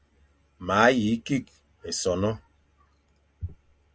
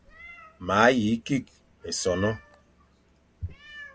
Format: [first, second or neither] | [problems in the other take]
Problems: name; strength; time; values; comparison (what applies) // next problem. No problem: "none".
first | background sound (Meow); 19 dB below the speech